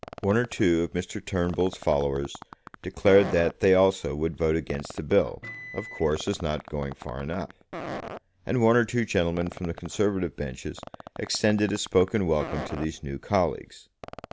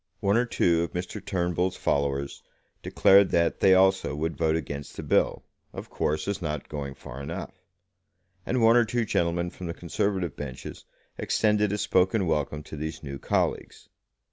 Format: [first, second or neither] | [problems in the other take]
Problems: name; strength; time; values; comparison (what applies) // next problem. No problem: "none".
second | background sound (Microwave oven + Fart); 16 dB below the speech